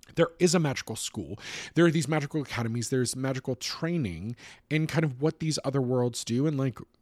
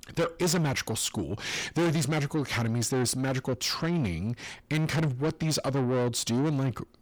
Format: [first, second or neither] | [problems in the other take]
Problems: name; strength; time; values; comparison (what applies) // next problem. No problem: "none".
first | distortion; heavy; 6 dB below the speech